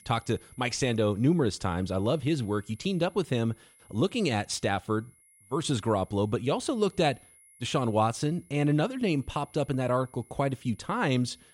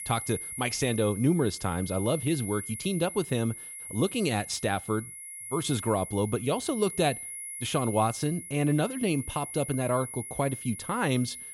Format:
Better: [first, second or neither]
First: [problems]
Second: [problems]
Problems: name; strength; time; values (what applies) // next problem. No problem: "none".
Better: first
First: high-pitched whine; faint; throughout; 10.5 kHz, 30 dB below the speech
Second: high-pitched whine; loud; throughout; 10.5 kHz, 9 dB below the speech